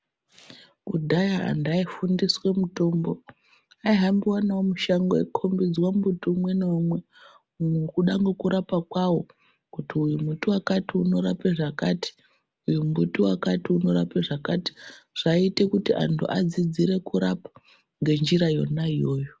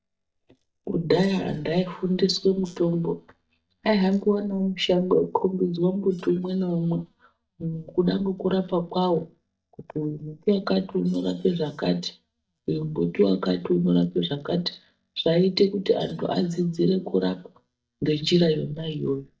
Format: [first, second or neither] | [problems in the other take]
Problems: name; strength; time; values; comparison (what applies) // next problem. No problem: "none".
first | noise reduction (neural mask model DeepFilterNet 3)